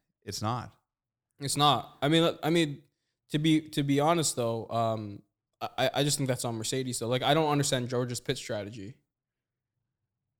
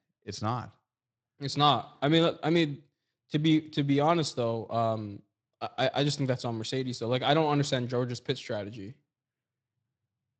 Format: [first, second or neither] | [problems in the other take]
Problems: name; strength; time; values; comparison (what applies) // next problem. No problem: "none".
first | garbled, watery; slightly; nothing above 8 kHz